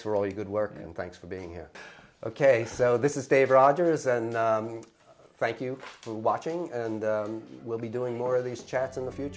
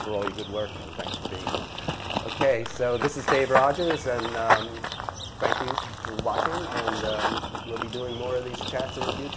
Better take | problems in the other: first | background sound (Run / Bird vocalization, bird call, bird song); 1 dB below the speech

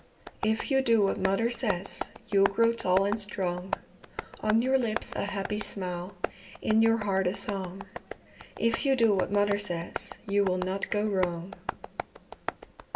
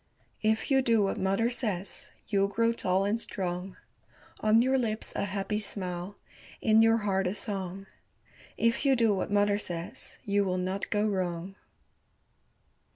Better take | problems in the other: second | background sound (Tap); 10 dB below the speech // room echo; dies away in 0.5 s

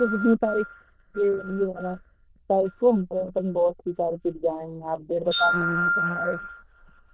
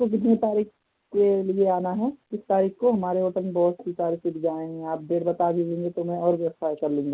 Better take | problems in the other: second | noise reduction (neural diffusion model UNIVERSE++)

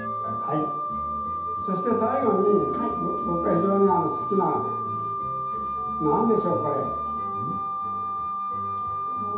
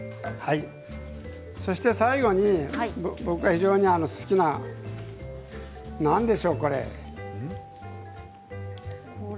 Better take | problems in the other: second | background sound (Wind instrument, woodwind instrument); 2 dB below the speech // room echo; dies away in 0.8 s

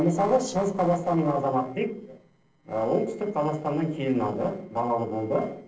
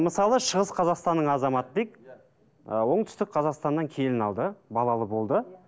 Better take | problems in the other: second | noise reduction (neural separator model SepFormer DNS4)

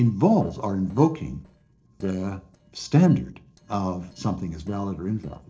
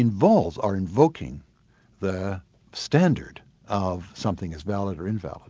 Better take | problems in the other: second | noise reduction (neural separator model SepFormer DNS4)

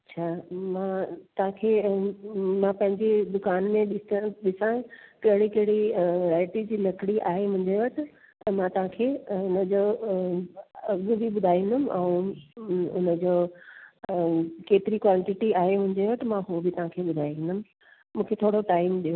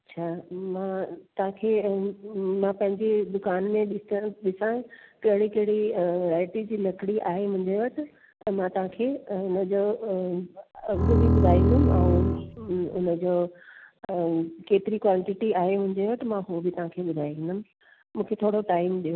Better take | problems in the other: first | background sound (Bowed string instrument); 5 dB above the speech

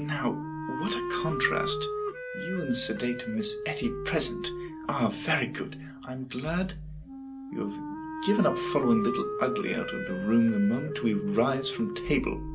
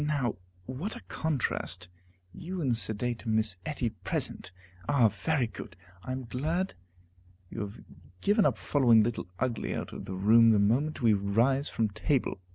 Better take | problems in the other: second | background sound (Wind instrument, woodwind instrument); 6 dB below the speech // room echo; dies away in 0.2 s

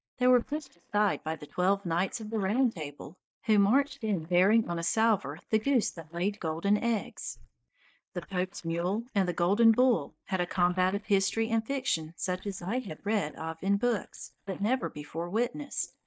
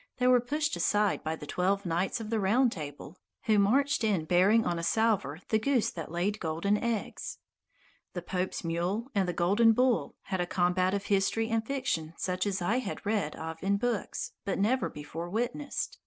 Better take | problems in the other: second | noise reduction (neural mask model DeepFilterNet 3)

